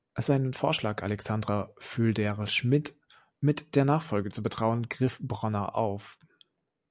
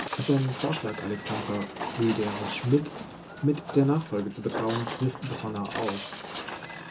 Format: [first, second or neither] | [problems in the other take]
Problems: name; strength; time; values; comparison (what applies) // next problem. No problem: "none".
first | background sound (Walk, footsteps); 8 dB below the speech // room echo; dies away in 0.2 s